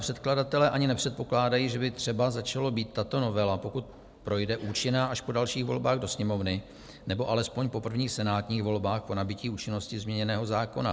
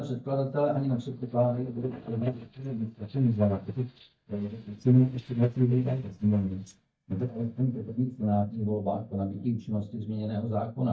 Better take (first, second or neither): first